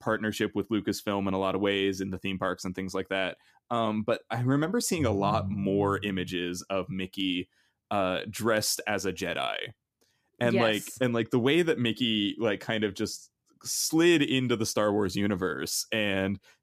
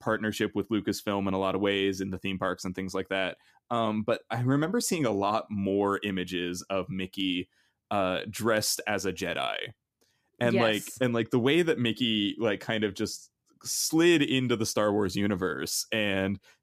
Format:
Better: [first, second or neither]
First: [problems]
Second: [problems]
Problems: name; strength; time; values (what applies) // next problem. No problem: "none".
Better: second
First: phone ringing; noticeable; from 5 to 6.5 s; peak 6 dB below the speech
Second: none